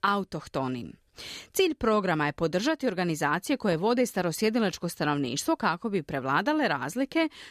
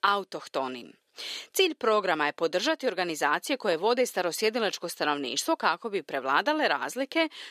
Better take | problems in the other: first | thin; somewhat; fading below 450 Hz

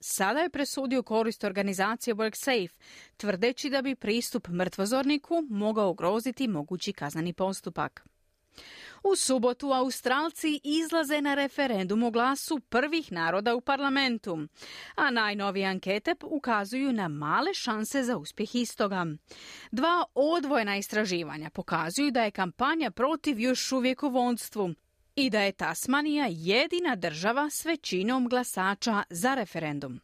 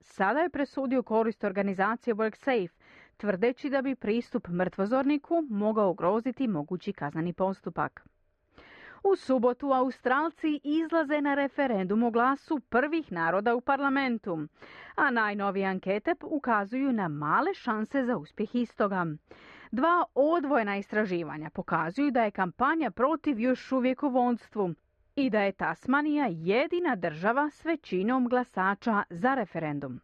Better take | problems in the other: first | muffled; very; fading above 1.5 kHz

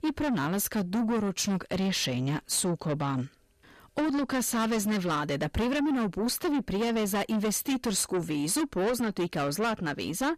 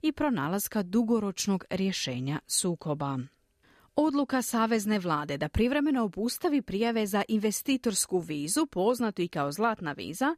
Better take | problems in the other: second | distortion; heavy; 7 dB below the speech

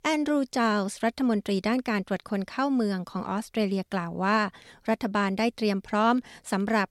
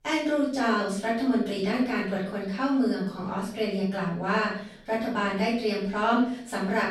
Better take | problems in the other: first | off-mic speech; far // room echo; noticeable; dies away in 0.5 s

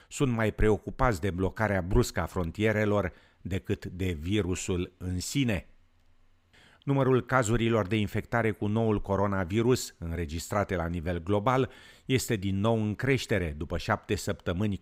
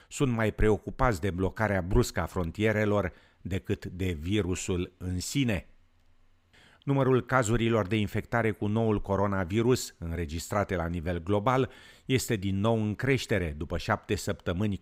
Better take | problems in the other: neither | none

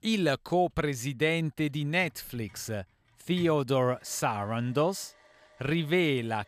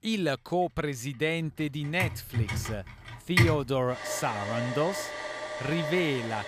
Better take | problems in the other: first | household noises; loud; throughout; 1 dB below the speech; faint in the first

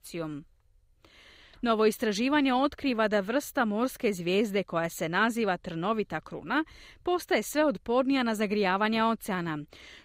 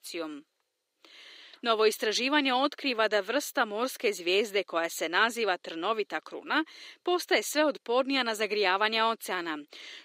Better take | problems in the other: first | thin; very slightly; fading below 300 Hz

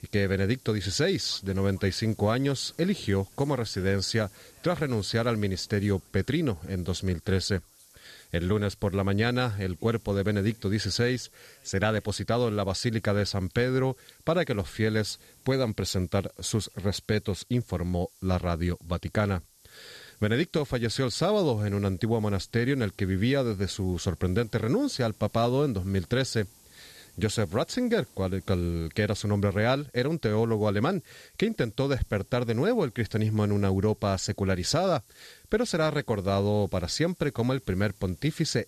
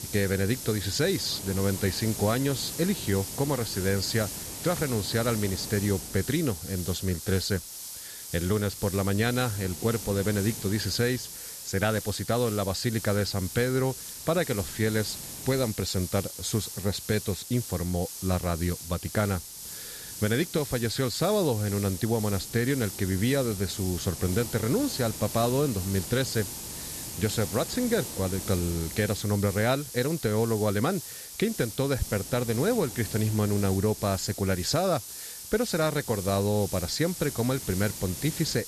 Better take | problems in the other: first | hiss; loud; throughout; 8 dB below the speech; faint in the first

